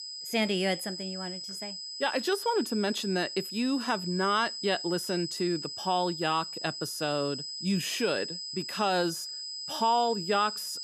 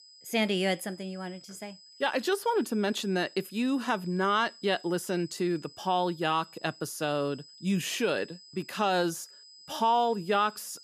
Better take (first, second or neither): second